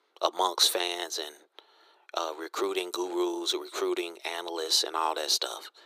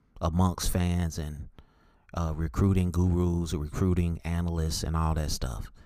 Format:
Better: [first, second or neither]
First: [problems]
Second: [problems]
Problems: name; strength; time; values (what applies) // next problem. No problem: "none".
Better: second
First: thin; very; fading below 350 Hz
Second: none